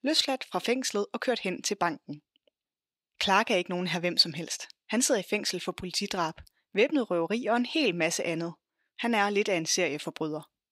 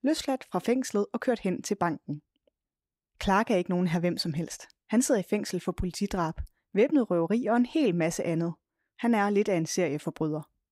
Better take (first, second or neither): second